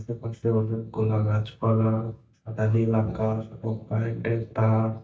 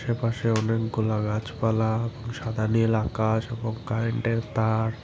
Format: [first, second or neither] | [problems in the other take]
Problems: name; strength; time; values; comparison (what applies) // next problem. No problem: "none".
second | noise reduction (neural mask model DeepFilterNet 3)